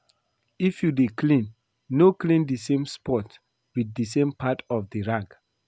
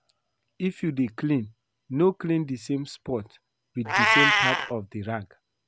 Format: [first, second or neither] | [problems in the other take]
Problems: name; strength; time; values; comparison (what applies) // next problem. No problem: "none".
first | background sound (Meow); as loud as the speech